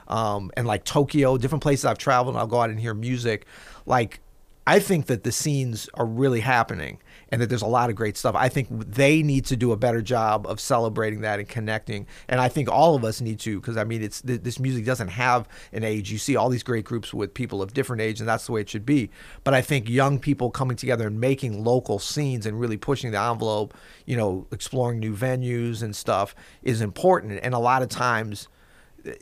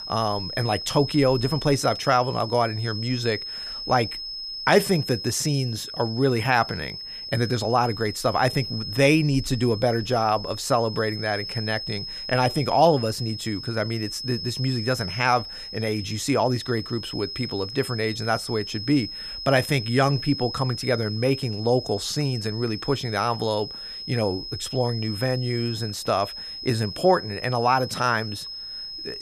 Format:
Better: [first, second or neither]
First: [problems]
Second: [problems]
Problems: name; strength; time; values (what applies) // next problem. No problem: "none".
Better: first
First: none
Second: high-pitched whine; loud; throughout; 5 kHz, 8 dB below the speech